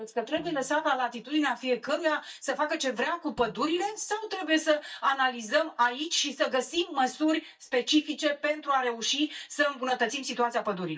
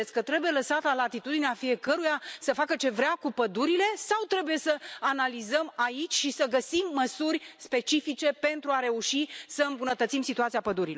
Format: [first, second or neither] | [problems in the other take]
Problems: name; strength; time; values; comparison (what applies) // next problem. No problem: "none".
second | noise reduction (neural mask model DeepFilterNet 3)